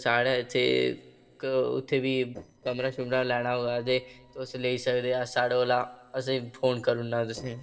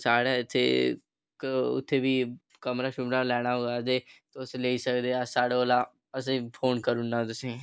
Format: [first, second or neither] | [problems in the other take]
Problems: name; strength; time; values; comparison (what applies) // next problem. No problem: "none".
second | noise reduction (neural separator model SepFormer DNS4)